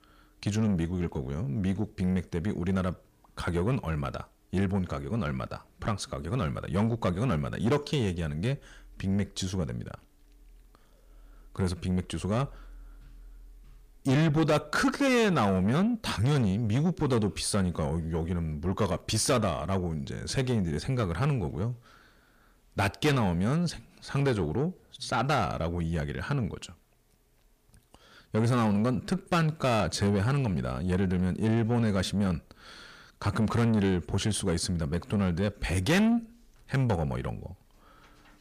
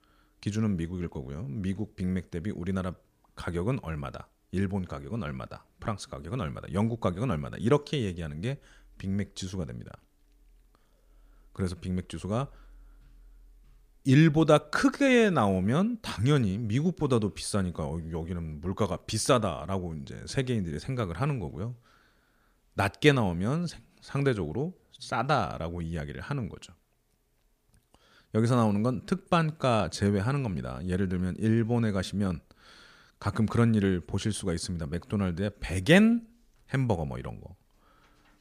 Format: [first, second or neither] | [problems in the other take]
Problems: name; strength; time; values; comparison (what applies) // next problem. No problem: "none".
second | distortion; heavy; 7 dB below the speech